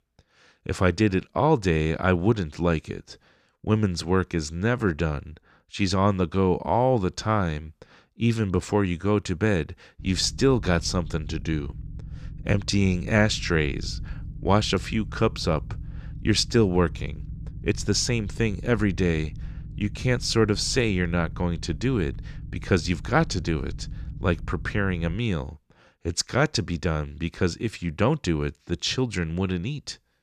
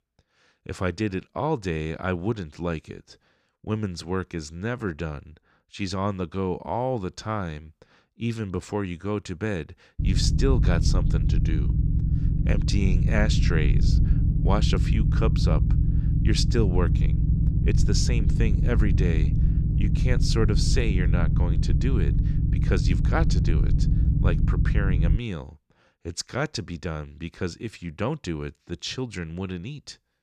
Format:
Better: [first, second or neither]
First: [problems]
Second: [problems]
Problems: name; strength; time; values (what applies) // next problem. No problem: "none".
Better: first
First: low rumble; faint; from 10 to 25 s; 25 dB below the speech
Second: low rumble; loud; from 10 to 25 s; 5 dB below the speech